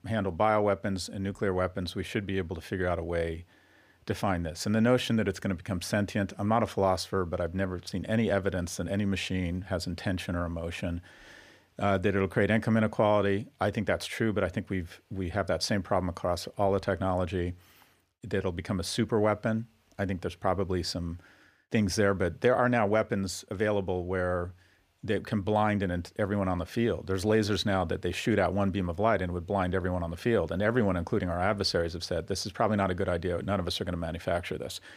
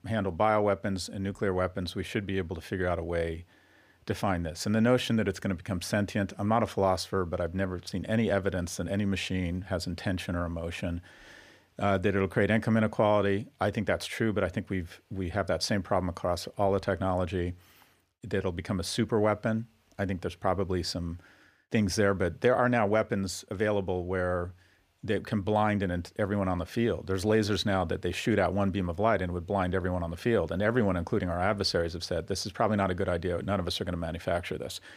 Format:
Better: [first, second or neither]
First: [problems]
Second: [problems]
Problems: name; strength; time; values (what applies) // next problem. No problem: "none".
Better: neither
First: none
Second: none